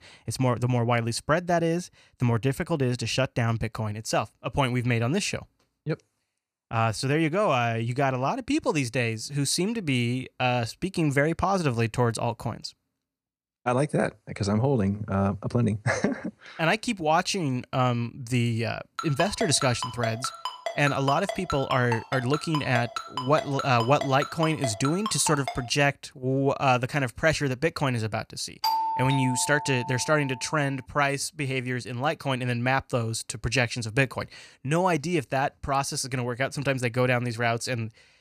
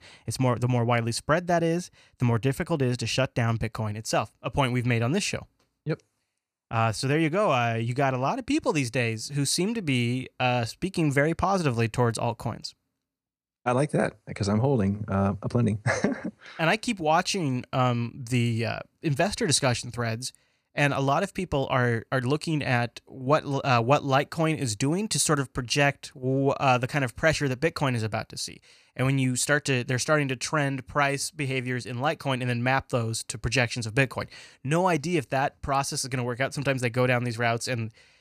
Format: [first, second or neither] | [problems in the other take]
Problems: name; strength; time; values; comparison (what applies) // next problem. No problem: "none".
second | phone ringing; noticeable; from 19 to 26 s; peak 7 dB below the speech // doorbell; loud; from 29 to 30 s; peak level with the speech